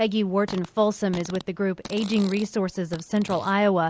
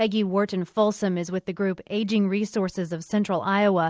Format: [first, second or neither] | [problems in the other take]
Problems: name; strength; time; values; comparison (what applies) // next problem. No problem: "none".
second | background sound (Fart); 19 dB below the speech